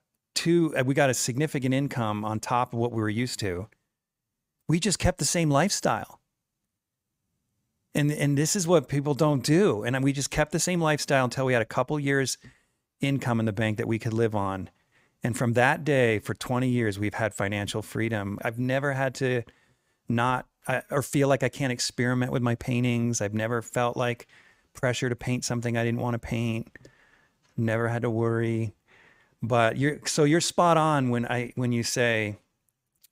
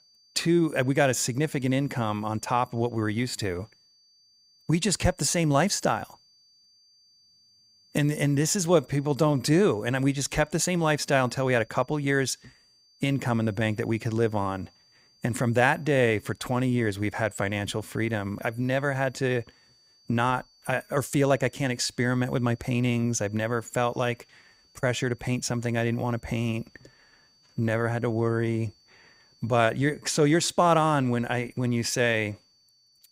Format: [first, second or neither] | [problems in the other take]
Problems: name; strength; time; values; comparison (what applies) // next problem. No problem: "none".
first | high-pitched whine; faint; throughout; 4.5 kHz, 35 dB below the speech